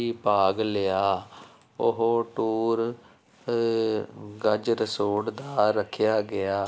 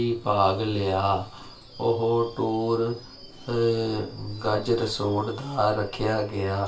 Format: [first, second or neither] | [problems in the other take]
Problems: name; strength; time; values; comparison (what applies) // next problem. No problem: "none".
first | background sound (Screech / Subway, metro, underground); 18 dB below the speech // room echo; dies away in 0.2 s